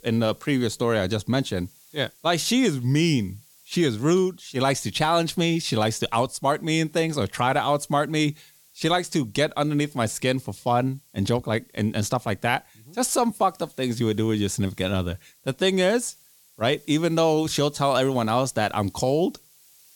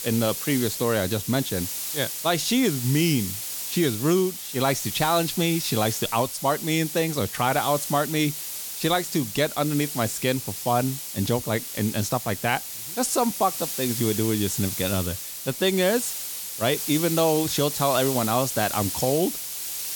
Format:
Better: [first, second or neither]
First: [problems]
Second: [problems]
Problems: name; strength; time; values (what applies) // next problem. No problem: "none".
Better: first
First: hiss; faint; throughout; 30 dB below the speech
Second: hiss; loud; throughout; 5 dB below the speech